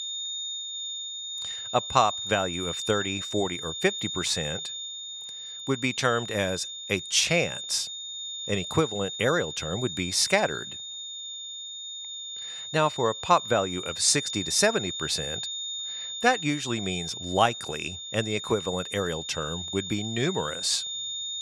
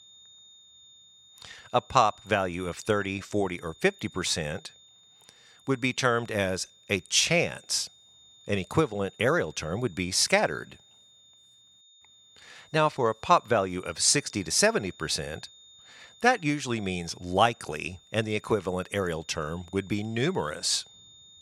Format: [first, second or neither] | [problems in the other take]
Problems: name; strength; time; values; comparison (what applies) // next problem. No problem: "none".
second | high-pitched whine; loud; throughout; 3.5 kHz, 6 dB below the speech; faint in the second